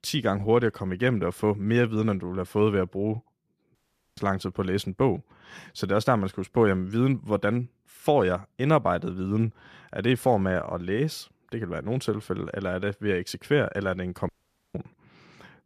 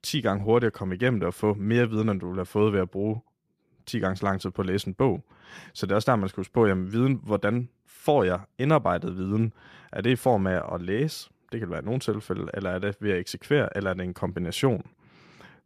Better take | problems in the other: second | audio cutting out; at 4 s and at 14 s

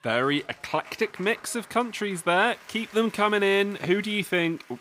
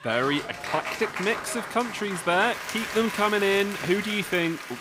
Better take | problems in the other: first | crowd noise; loud; throughout; 7 dB below the speech; faint in the first

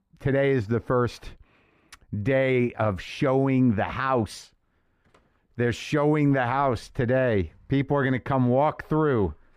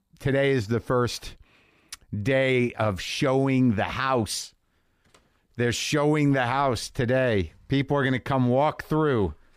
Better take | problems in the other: second | muffled; slightly; fading above 3 kHz

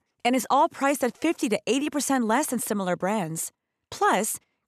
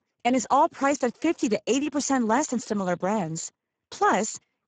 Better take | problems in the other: first | garbled, watery; badly; nothing above 7.5 kHz

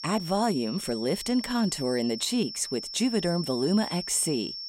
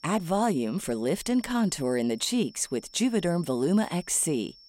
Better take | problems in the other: second | high-pitched whine; loud; throughout; 5.5 kHz, 8 dB below the speech; faint in the second

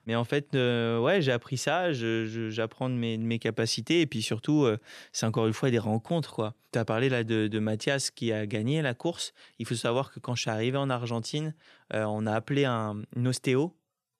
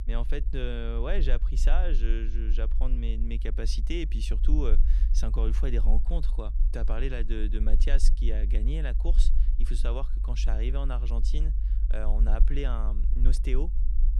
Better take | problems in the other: first | low rumble; noticeable; throughout; 10 dB below the speech

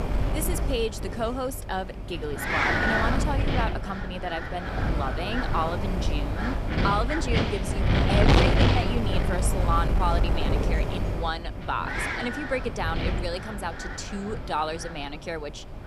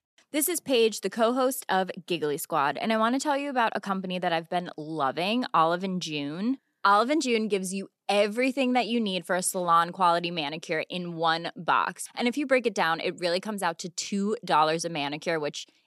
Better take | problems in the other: second | wind noise on the microphone; heavy; 1 dB above the speech

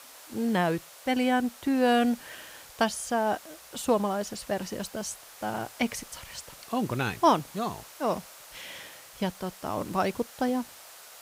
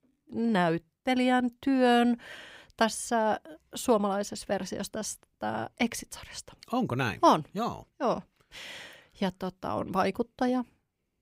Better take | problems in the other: second | hiss; noticeable; throughout; 15 dB below the speech

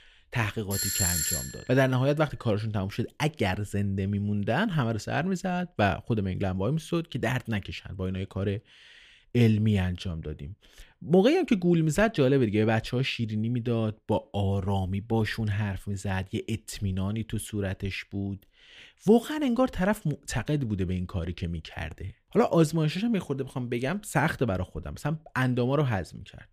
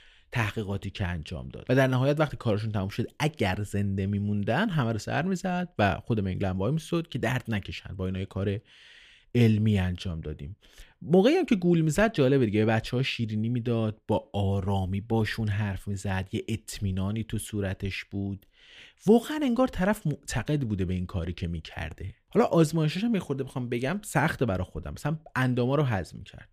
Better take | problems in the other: second | doorbell; loud; at 0.5 s; peak 3 dB above the speech

